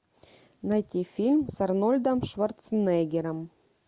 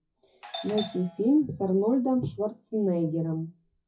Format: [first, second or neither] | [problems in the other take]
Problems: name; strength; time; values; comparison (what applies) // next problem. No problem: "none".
first | noise reduction (classical method WPE with log-MMSE)